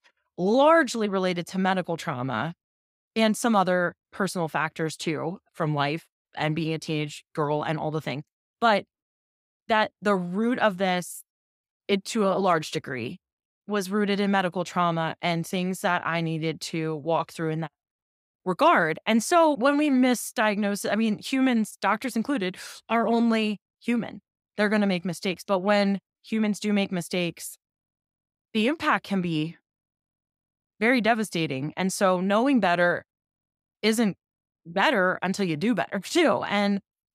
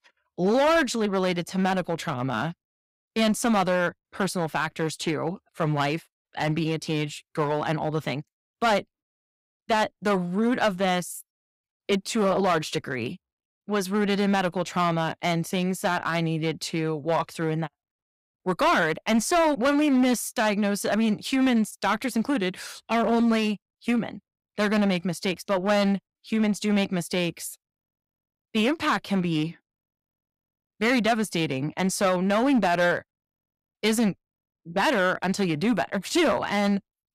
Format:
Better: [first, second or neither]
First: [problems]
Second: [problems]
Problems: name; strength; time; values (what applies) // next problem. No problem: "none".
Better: first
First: none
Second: distortion; slight; 6% of the sound clipped